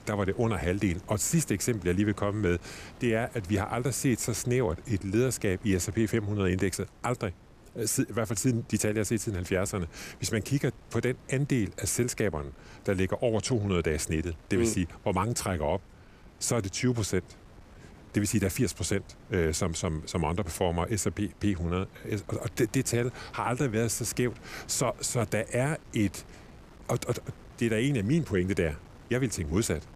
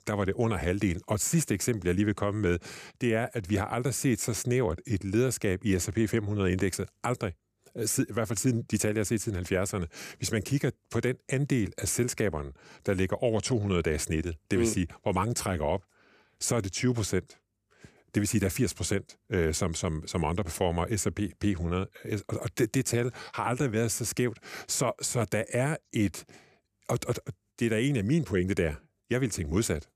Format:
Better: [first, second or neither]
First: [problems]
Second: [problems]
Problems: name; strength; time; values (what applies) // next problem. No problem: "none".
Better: second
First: wind noise on the microphone; occasional gusts; 25 dB below the speech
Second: none